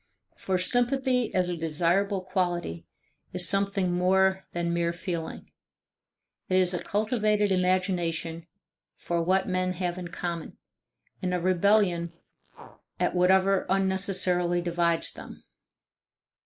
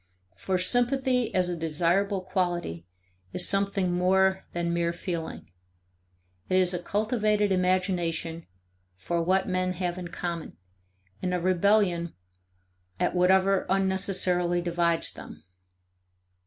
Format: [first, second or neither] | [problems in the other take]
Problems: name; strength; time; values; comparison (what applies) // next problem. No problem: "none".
second | noise reduction (neural mask model Resemble Enhance denoiser)